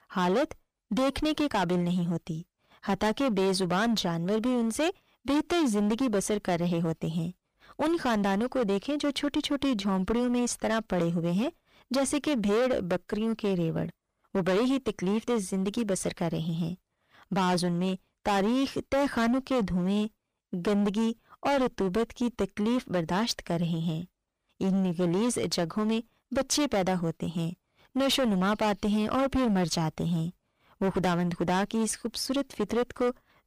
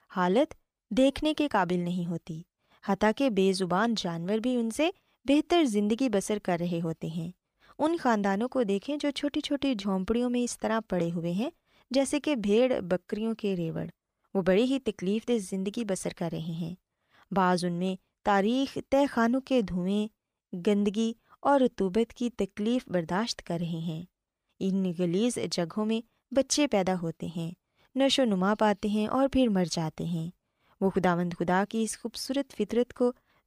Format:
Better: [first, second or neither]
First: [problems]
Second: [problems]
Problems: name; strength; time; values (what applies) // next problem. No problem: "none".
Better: second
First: distortion; heavy; 16% of the sound clipped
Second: none